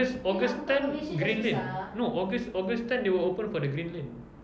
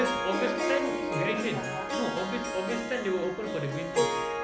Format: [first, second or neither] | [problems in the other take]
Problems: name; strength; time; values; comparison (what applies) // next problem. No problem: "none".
first | background sound (Harp); 1 dB above the speech